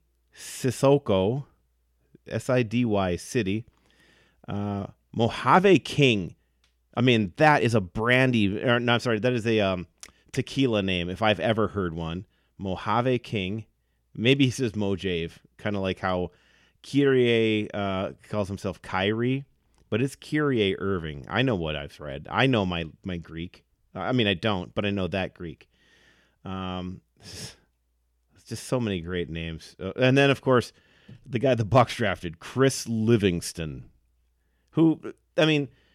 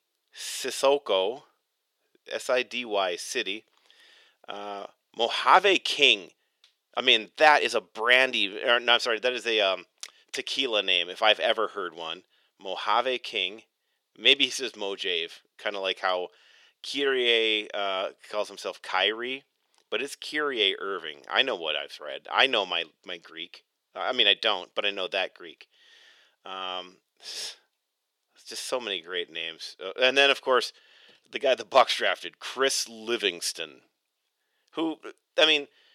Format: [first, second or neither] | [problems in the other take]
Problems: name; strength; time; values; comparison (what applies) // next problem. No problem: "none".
first | thin; very; fading below 500 Hz